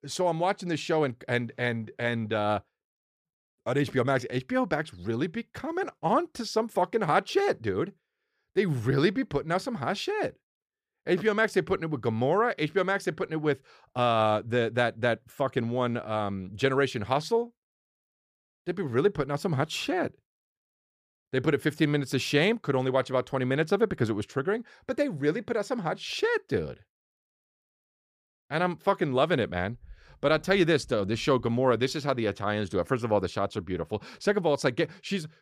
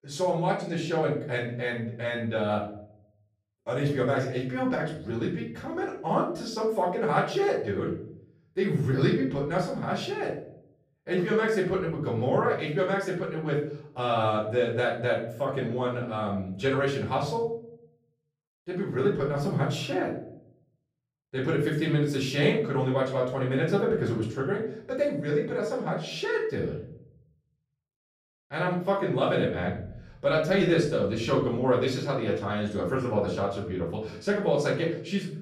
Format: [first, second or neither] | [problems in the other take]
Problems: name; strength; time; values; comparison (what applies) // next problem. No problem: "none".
first | off-mic speech; far // room echo; noticeable; dies away in 0.6 s